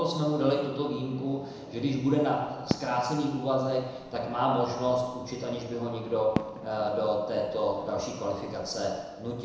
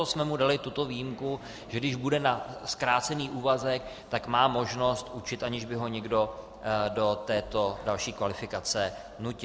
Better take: second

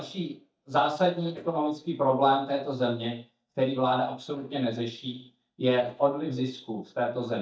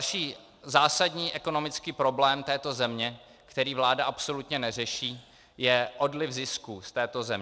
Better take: second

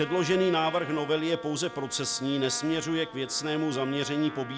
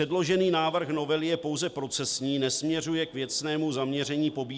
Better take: second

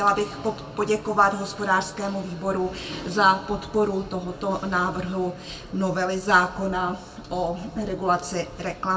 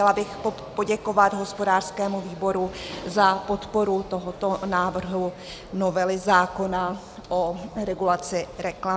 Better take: second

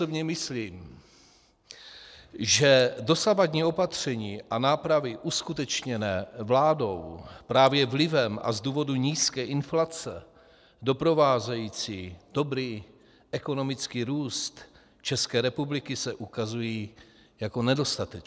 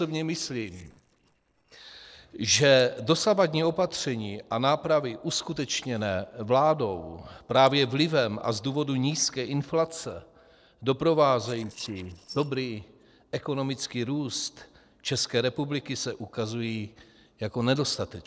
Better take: first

